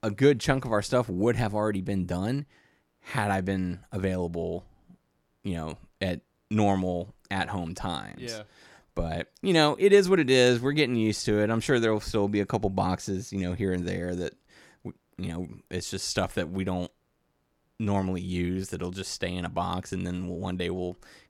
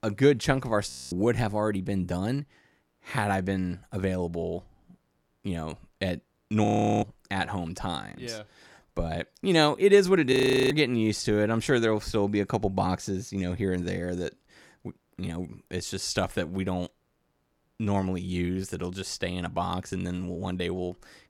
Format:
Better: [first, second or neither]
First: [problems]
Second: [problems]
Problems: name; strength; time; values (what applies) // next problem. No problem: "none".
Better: first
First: none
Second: audio freezing; at 1 s, at 6.5 s and at 10 s